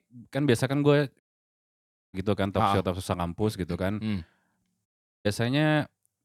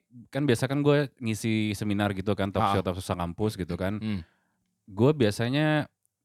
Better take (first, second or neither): second